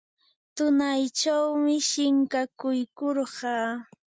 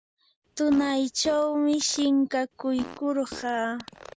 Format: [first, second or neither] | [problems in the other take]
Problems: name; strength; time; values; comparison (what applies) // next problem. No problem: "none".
first | background sound (Fart); 17 dB below the speech